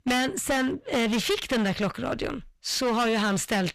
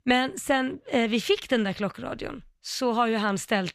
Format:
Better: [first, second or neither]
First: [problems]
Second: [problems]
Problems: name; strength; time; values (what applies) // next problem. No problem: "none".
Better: second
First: distortion; heavy; 22% of the sound clipped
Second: none